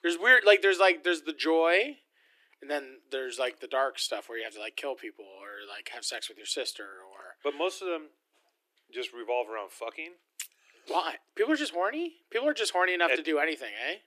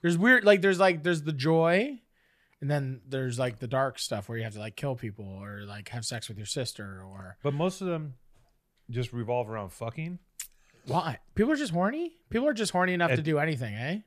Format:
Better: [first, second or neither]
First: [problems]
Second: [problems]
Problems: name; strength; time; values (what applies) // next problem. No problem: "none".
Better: second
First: thin; very; fading below 300 Hz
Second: none